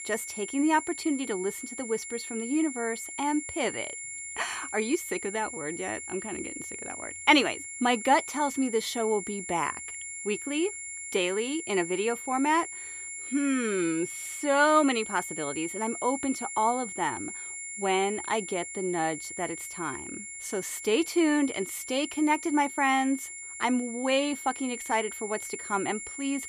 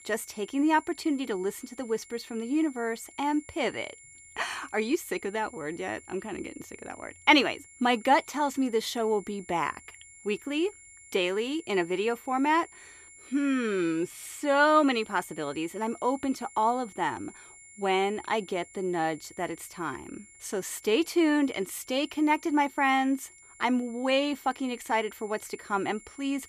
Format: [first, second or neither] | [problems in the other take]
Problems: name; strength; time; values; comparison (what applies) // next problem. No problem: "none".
second | high-pitched whine; loud; throughout; 2 kHz, 8 dB below the speech; faint in the second